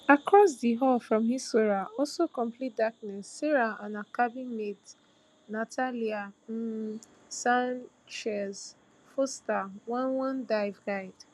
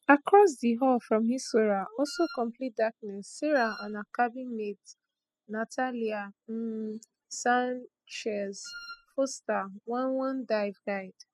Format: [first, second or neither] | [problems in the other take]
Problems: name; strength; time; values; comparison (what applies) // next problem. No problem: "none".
first | noise reduction (classical method spectral subtraction)